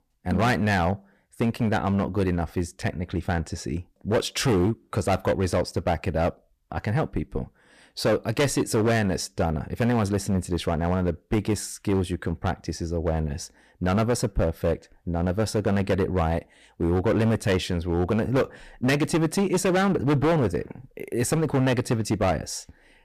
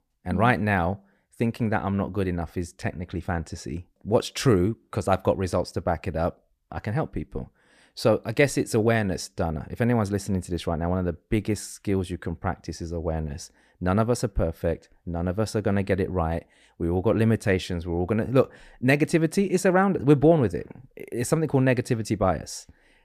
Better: second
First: distortion; heavy; 10% of the sound clipped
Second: none

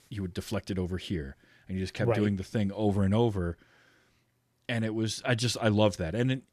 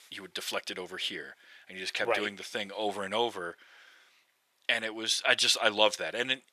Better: first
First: none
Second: thin; very; fading below 700 Hz

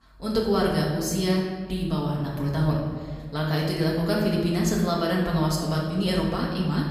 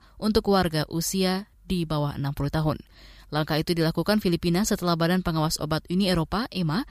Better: second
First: off-mic speech; far // room echo; noticeable; dies away in 1.5 s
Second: none

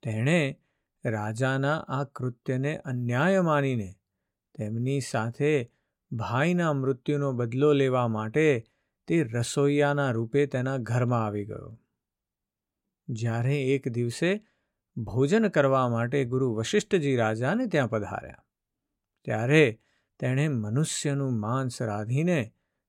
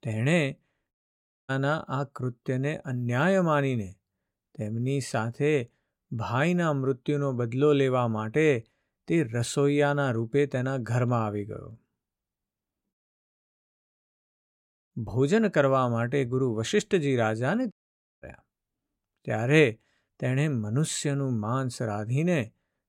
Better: first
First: none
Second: audio cutting out; at 1 s for 0.5 s, at 13 s for 2 s and at 18 s for 0.5 s

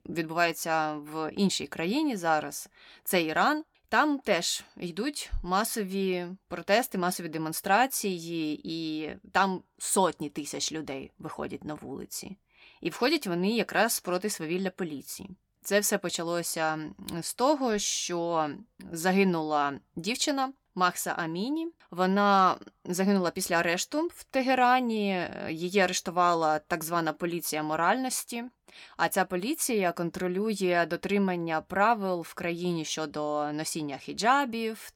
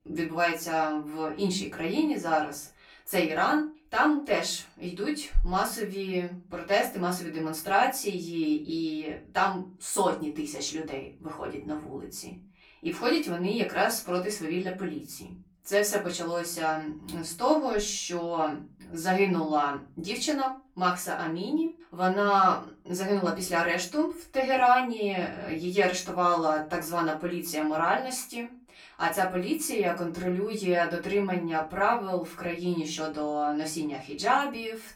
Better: first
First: none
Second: off-mic speech; far // room echo; slight; dies away in 0.3 s

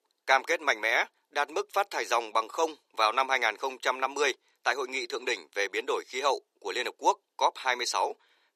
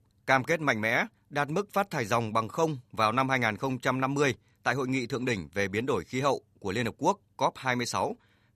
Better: second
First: thin; very; fading below 350 Hz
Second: none

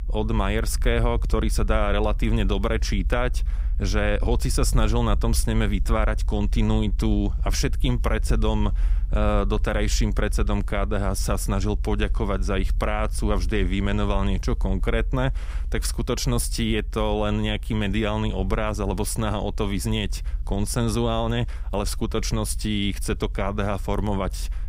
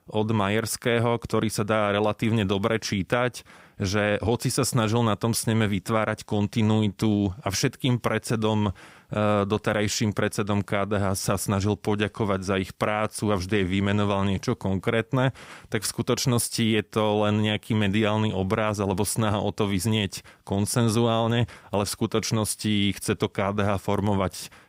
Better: second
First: low rumble; faint; throughout; 25 dB below the speech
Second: none

